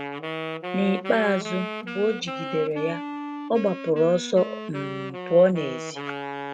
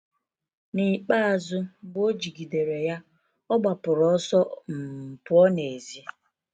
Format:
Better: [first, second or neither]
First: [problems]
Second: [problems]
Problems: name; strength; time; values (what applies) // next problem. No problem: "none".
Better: second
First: background sound (Wind instrument, woodwind instrument); 8 dB below the speech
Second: none